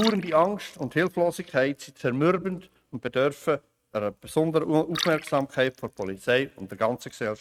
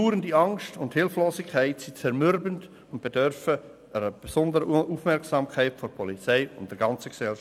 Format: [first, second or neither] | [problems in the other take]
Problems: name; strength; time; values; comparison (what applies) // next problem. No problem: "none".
second | noise reduction (neural mask model RNNoise)